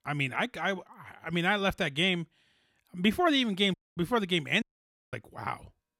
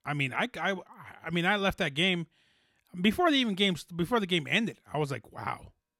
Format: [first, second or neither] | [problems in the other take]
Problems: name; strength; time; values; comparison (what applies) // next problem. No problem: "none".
second | audio cutting out; at 3.5 s and at 4.5 s for 0.5 s